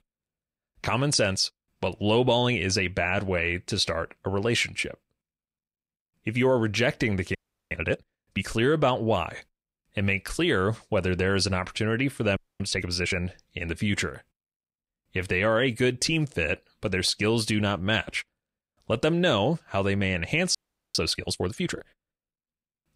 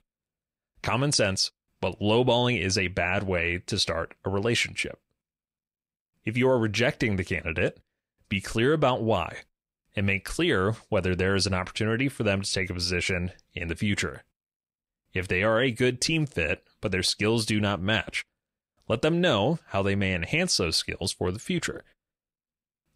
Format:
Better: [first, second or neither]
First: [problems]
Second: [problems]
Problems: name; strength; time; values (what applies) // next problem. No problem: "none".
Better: second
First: audio freezing; at 7.5 s, at 12 s and at 21 s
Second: none